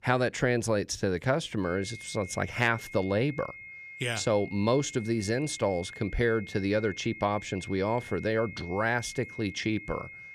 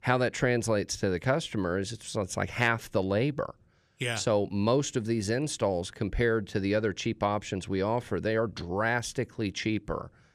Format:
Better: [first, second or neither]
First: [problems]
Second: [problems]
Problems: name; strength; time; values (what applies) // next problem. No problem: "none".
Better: second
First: high-pitched whine; noticeable; from 1.5 s on; 2 kHz, 15 dB below the speech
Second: none